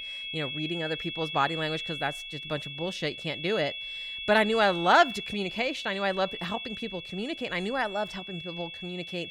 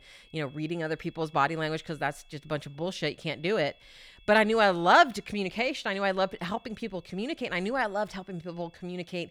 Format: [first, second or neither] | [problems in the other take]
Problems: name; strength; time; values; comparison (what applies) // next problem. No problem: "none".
second | high-pitched whine; loud; throughout; 3.5 kHz, 7 dB below the speech; faint in the second